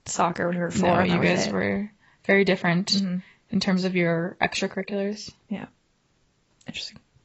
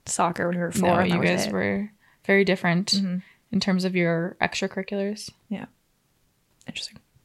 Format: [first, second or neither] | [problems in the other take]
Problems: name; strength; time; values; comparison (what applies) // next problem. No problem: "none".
second | garbled, watery; badly; nothing above 8 kHz